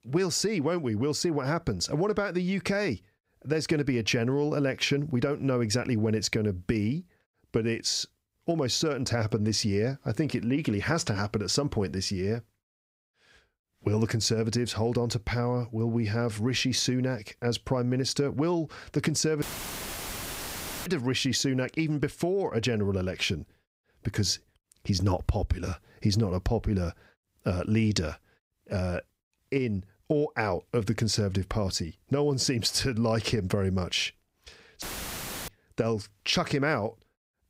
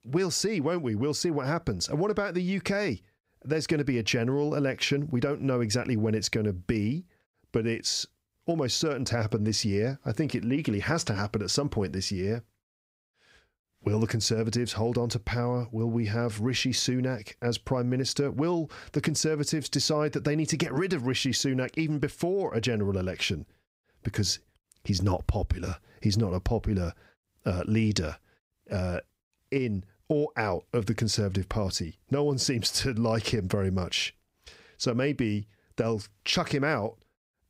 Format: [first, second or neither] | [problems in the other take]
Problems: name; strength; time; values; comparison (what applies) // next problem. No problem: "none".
second | audio cutting out; filled with static; at 19 s for 1.5 s and at 35 s for 0.5 s